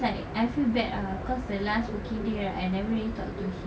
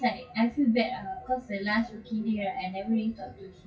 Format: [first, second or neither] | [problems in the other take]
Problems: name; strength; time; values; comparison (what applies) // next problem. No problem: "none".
first | noise reduction (classical method WPE with log-MMSE)